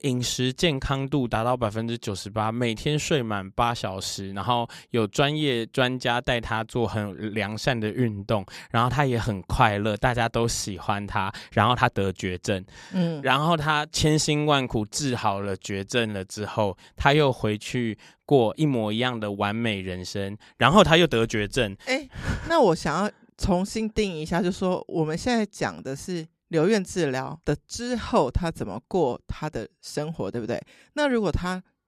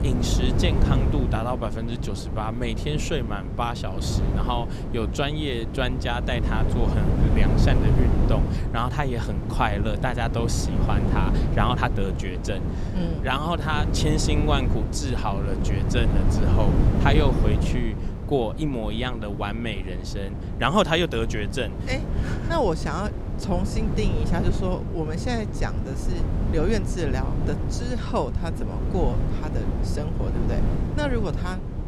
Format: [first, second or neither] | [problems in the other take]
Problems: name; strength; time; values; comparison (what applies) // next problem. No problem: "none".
first | wind noise on the microphone; heavy; 6 dB below the speech